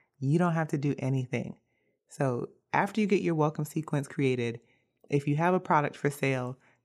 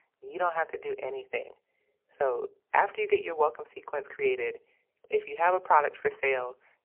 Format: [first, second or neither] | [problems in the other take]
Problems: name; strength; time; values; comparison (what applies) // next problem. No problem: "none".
first | phone-call audio; poor line; nothing above 3 kHz